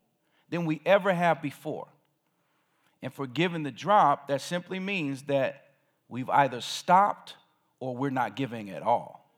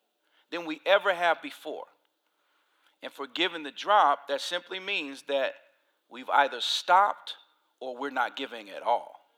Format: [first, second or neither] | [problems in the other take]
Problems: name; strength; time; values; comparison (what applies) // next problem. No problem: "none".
first | thin; somewhat; fading below 350 Hz